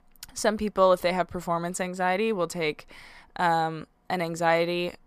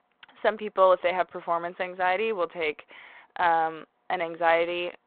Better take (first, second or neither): first